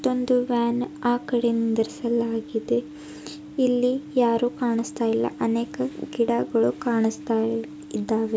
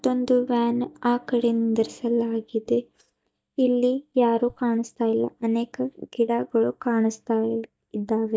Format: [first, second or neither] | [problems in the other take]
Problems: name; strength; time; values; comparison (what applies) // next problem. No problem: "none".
first | noise reduction (neural mask model DeepFilterNet 3)